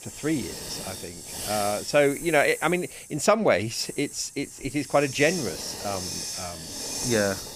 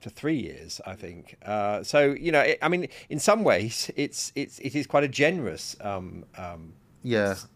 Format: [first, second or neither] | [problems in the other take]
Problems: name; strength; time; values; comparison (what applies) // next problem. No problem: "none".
second | hiss; loud; throughout; 8 dB below the speech